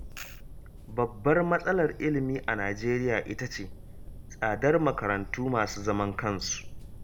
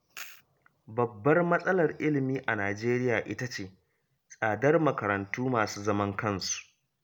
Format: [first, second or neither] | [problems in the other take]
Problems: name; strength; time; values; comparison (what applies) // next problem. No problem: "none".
second | background sound (Fire); 13 dB below the speech